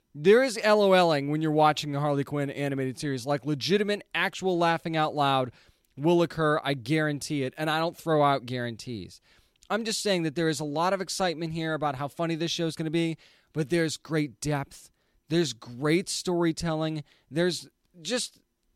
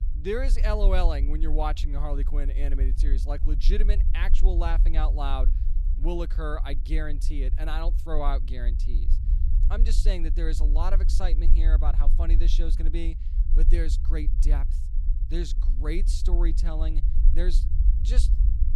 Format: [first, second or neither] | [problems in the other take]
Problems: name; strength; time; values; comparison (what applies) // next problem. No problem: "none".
first | low rumble; noticeable; throughout; 15 dB below the speech